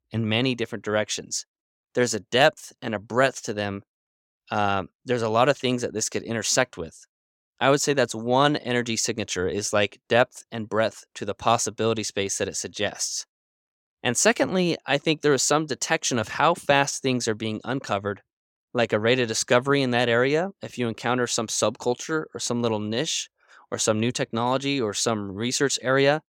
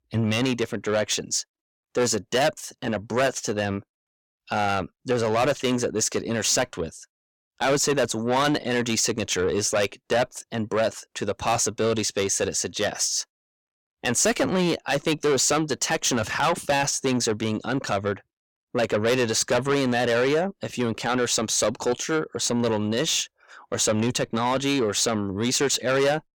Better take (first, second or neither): first